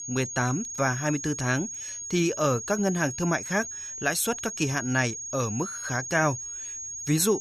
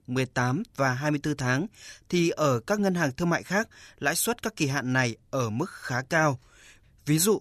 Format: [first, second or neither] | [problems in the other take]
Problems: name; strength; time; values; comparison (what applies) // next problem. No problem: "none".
second | high-pitched whine; loud; throughout; 6.5 kHz, 6 dB below the speech